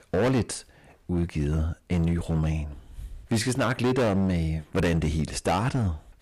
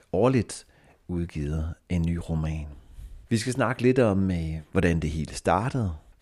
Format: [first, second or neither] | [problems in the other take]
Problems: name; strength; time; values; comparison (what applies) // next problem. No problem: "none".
second | distortion; heavy; 12% of the sound clipped